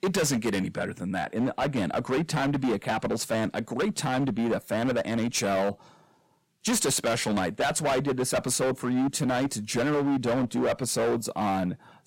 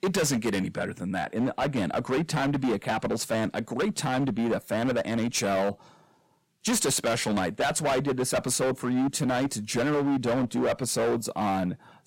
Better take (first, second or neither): neither